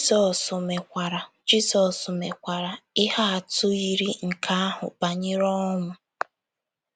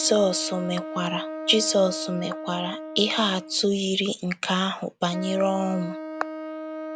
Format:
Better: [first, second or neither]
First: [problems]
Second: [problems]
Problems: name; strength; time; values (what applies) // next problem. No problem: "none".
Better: first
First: none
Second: background sound (Wind instrument, woodwind instrument); 10 dB below the speech